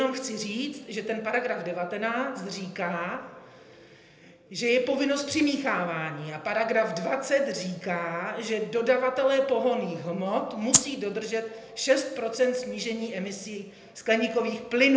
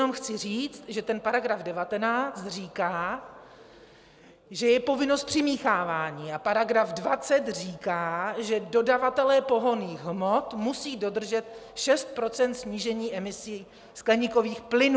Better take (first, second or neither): second